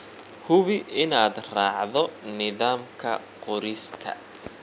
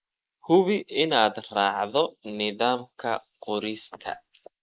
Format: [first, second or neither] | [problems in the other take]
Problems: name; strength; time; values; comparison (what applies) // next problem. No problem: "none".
first | noise reduction (neural mask model Resemble Enhance denoiser)